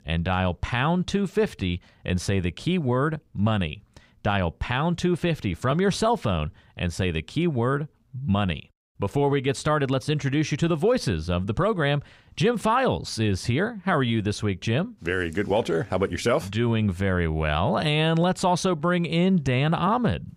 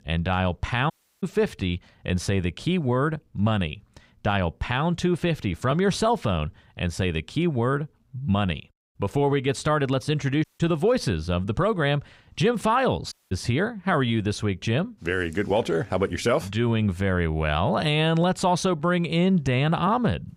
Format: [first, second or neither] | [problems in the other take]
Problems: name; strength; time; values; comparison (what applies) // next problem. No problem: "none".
first | audio cutting out; at 1 s, at 10 s and at 13 s